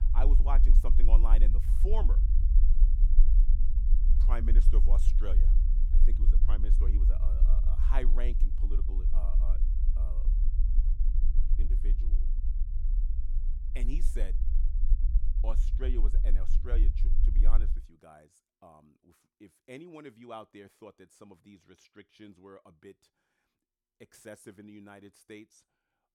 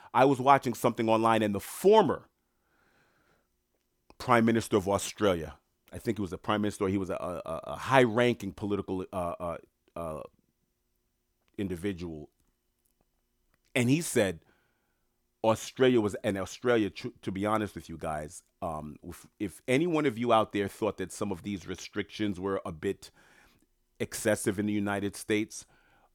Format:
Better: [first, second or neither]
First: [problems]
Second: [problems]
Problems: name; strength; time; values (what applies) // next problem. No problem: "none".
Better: second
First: low rumble; loud; until 18 s; 7 dB below the speech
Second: none